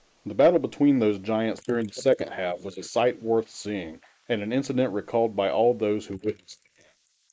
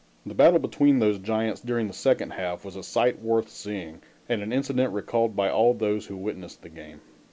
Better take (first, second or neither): second